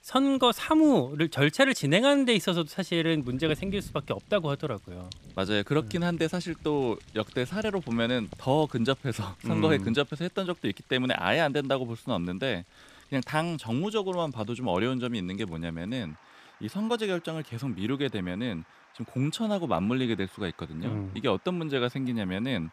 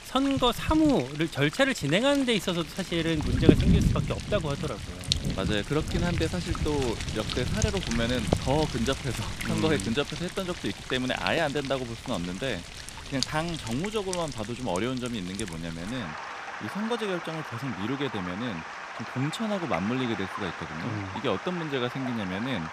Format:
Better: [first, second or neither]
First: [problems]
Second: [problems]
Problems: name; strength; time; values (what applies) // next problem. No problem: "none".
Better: first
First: rain or running water; faint; throughout; 25 dB below the speech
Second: rain or running water; loud; throughout; 3 dB below the speech